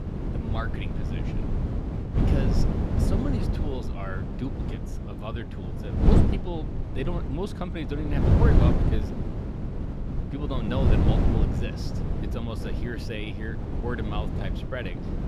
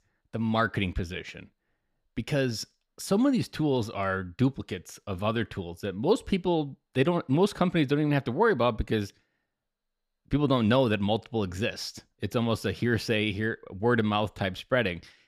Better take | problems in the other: second | wind noise on the microphone; heavy; 1 dB above the speech

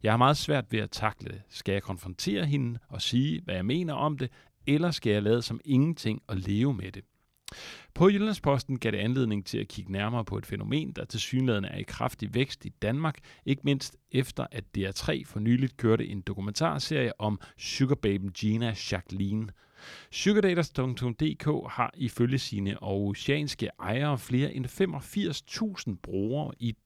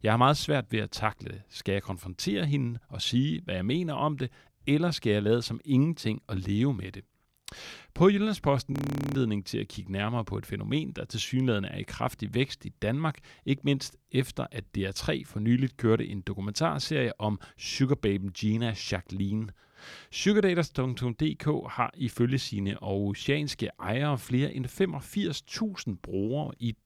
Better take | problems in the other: first | audio freezing; at 8.5 s

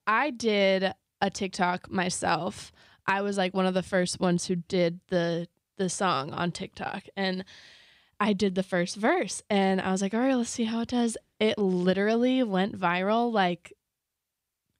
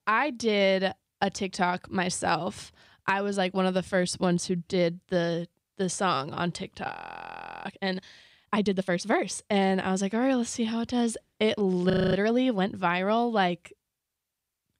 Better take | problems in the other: first | audio freezing; at 7 s for 0.5 s and at 12 s

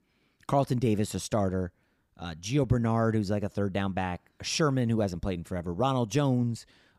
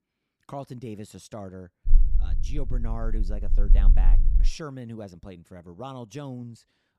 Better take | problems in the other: first | low rumble; noticeable; from 2 to 4.5 s; 10 dB below the speech

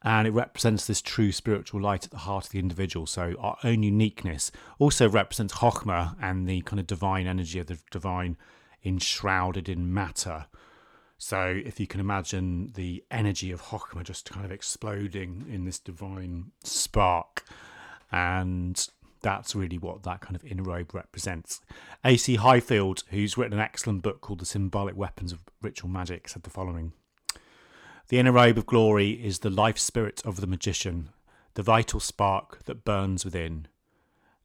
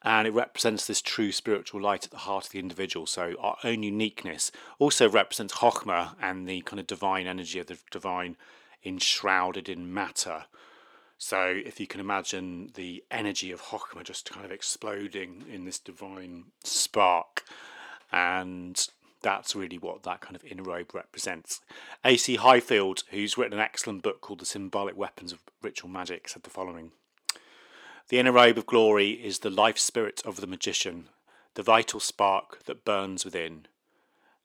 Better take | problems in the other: first | thin; somewhat; fading below 350 Hz

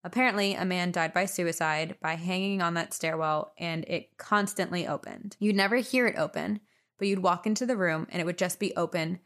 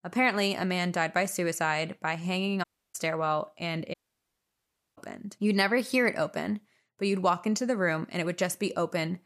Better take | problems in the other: first | audio cutting out; at 2.5 s and at 4 s for 1 s

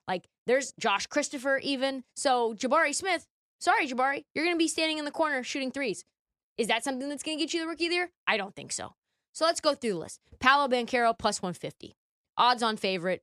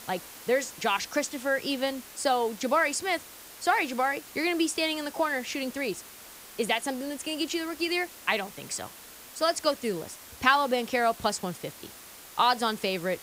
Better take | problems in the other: first | hiss; noticeable; throughout; 15 dB below the speech

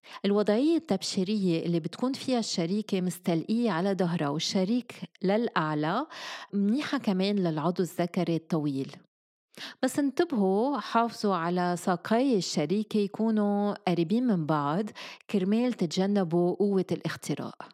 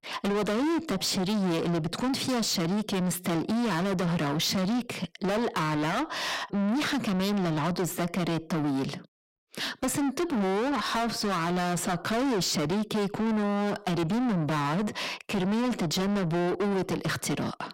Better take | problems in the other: first | distortion; heavy; 5 dB below the speech

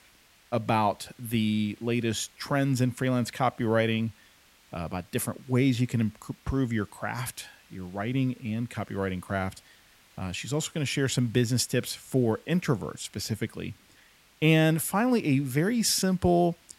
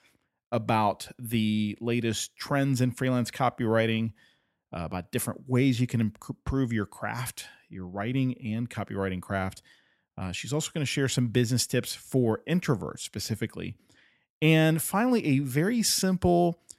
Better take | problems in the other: second | hiss; faint; throughout; 30 dB below the speech

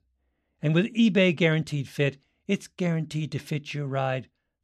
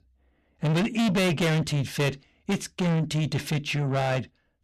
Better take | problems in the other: first | distortion; heavy; 6 dB below the speech

